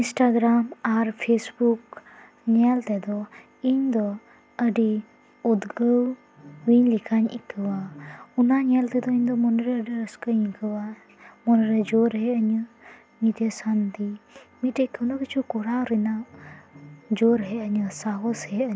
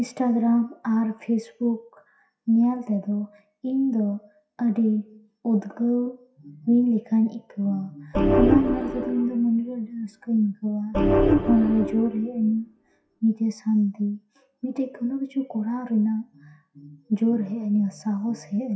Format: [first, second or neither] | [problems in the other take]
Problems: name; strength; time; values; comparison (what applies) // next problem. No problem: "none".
first | noise reduction (classical method WPE with log-MMSE)